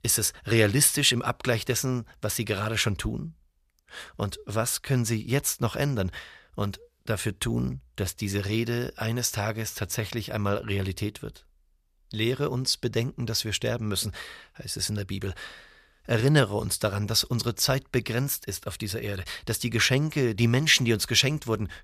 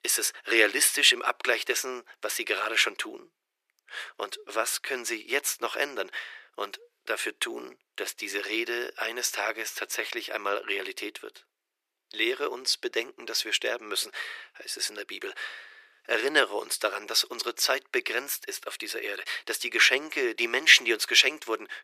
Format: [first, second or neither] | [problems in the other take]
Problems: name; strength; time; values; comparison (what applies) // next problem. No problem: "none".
first | thin; very; fading below 350 Hz